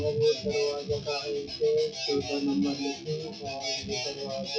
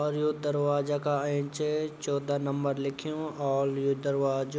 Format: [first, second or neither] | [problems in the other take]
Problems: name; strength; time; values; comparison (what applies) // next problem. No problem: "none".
second | noise reduction (classical method WPE with log-MMSE)